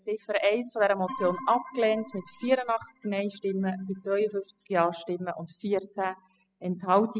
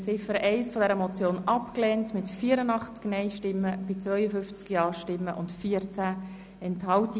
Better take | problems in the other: second | noise reduction (classical method spectral subtraction)

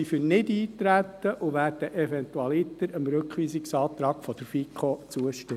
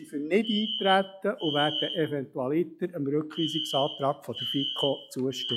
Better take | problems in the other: first | noise reduction (classical method log-MMSE)

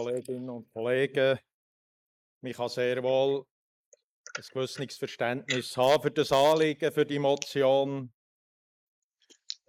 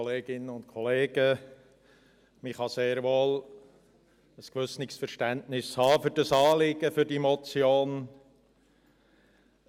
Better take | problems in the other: second | noise reduction (neural mask model Resemble Enhance denoiser)

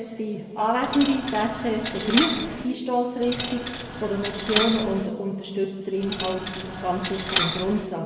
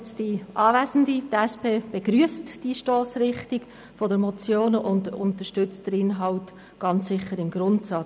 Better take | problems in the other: second | background sound (Coin (dropping)); 5 dB below the speech // room echo; dies away in 2.1 s

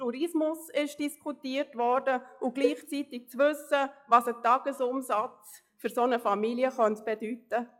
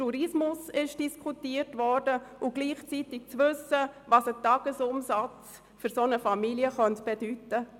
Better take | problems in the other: second | noise reduction (classical method log-MMSE)

